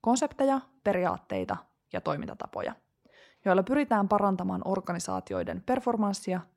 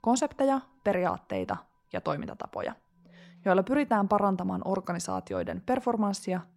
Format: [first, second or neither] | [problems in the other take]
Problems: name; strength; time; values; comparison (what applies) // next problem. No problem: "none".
first | background music; faint; throughout; 30 dB below the speech